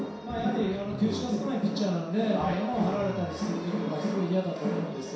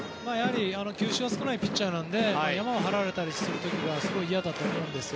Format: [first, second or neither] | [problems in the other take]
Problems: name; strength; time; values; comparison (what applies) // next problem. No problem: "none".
second | background sound (Cough); 14 dB below the speech // room echo; dies away in 0.7 s